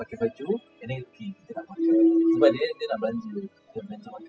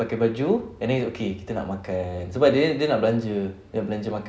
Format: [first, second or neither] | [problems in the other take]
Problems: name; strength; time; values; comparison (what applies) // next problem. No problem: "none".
second | noise reduction (classical method spectral subtraction)